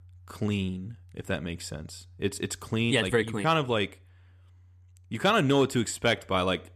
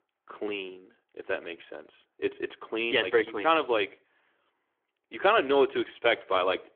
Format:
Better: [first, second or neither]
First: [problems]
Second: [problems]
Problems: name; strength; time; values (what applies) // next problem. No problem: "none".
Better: first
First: none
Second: phone-call audio; nothing above 3.5 kHz